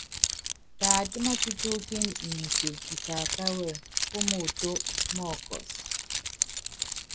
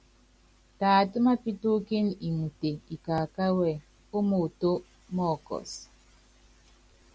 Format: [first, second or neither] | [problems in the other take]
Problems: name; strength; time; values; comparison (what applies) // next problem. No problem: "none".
second | background sound (Keys jangling); 4 dB above the speech